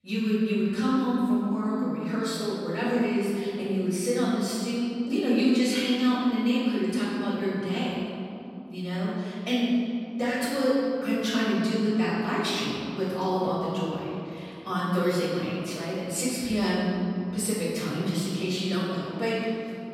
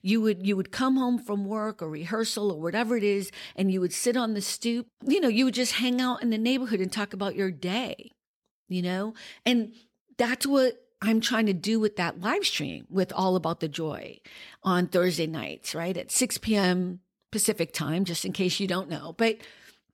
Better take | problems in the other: second | off-mic speech; far // room echo; strong; dies away in 2.6 s

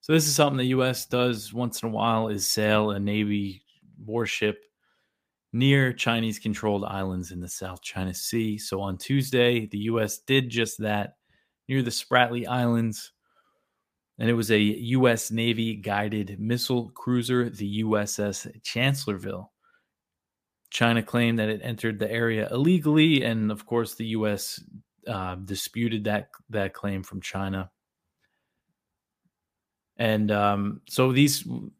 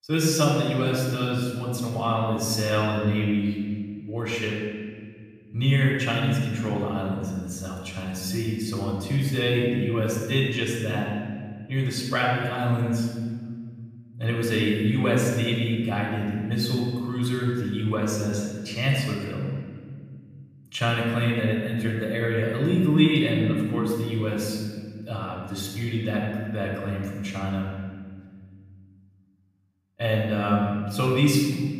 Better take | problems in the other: first | off-mic speech; far // room echo; noticeable; dies away in 1.9 s

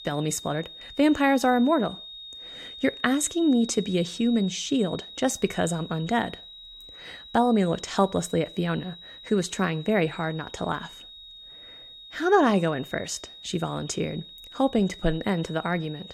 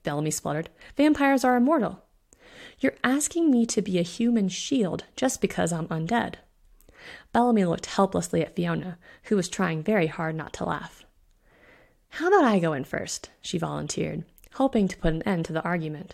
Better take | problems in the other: second | high-pitched whine; noticeable; throughout; 4 kHz, 15 dB below the speech

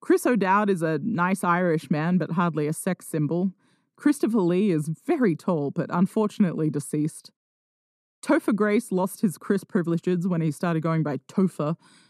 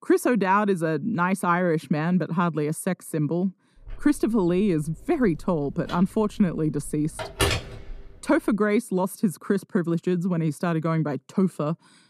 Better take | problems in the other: first | phone ringing; loud; from 4 to 8 s; peak level with the speech

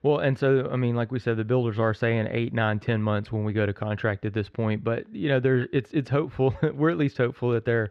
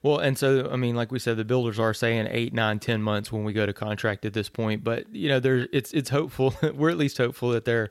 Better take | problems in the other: second | muffled; slightly; fading above 2.5 kHz

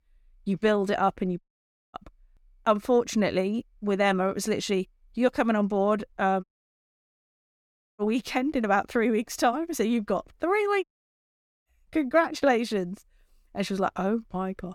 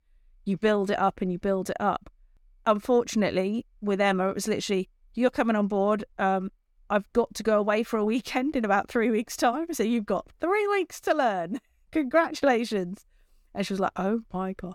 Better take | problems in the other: second | audio cutting out; at 1.5 s for 0.5 s, at 6.5 s for 1.5 s and at 11 s for 1 s

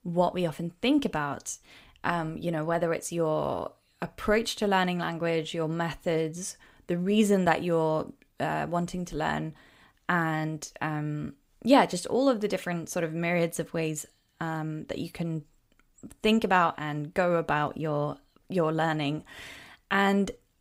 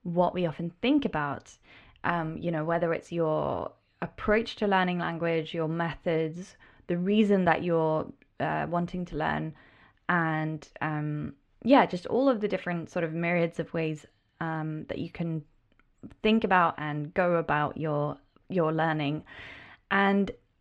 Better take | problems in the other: first | muffled; slightly; fading above 2.5 kHz

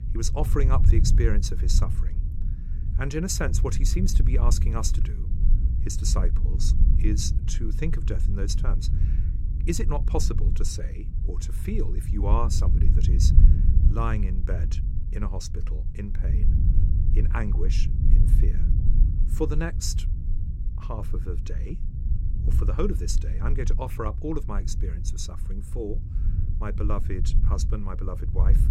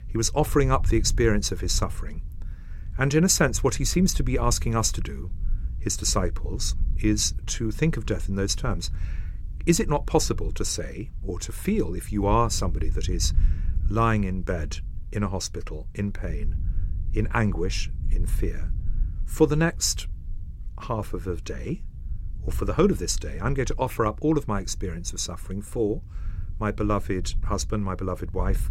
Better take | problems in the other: second | low rumble; loud; throughout; 9 dB below the speech; faint in the second

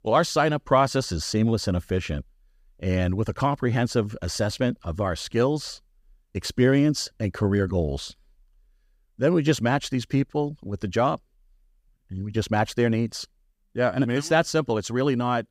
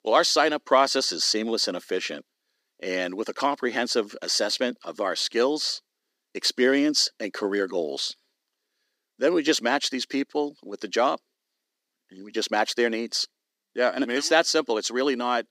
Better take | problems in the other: first | thin; somewhat; fading below 250 Hz

